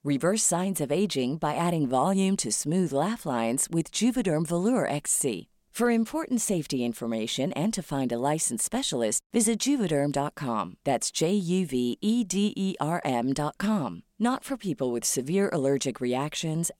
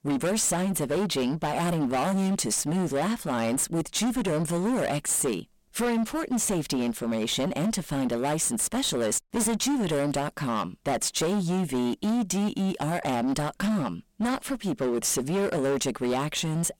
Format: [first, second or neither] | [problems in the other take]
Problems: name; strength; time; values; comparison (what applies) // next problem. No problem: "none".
first | distortion; heavy; 23% of the sound clipped